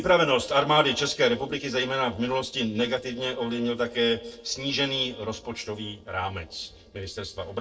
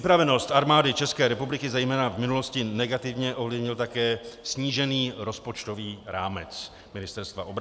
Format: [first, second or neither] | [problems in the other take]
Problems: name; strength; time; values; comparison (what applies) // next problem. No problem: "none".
second | noise reduction (neural separator model SepFormer DNS4)